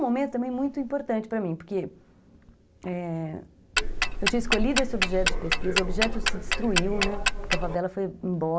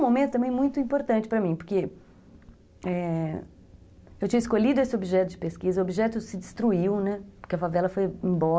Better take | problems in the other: second | background sound (Tick-tock); 4 dB above the speech

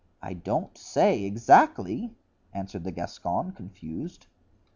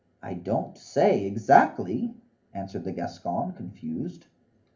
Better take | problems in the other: first | room echo; dies away in 0.3 s

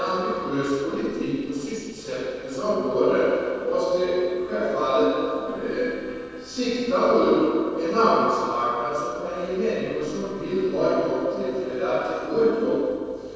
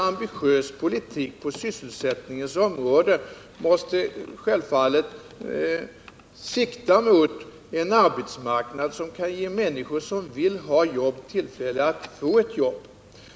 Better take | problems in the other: second | noise reduction (neural separator model SepFormer DNS4)

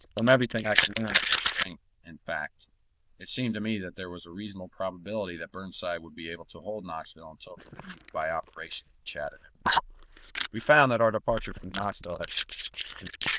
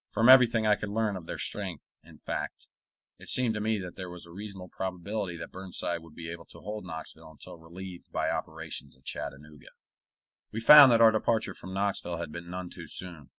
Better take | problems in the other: second | noise reduction (neural diffusion model UNIVERSE++)

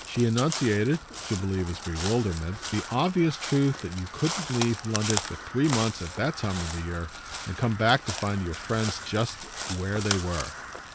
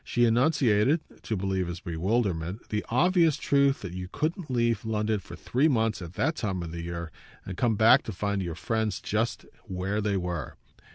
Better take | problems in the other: second | background sound (Crow); 9 dB below the speech

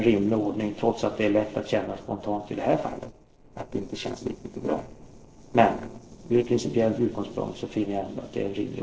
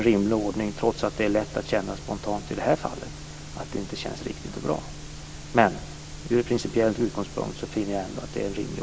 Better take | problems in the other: second | noise reduction (neural separator model SepFormer DNS4)

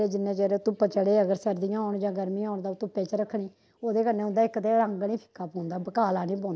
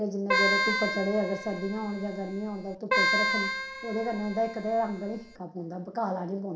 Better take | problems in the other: first | background sound (Keyboard (musical)); 1 dB above the speech // room echo; dies away in 0.9 s

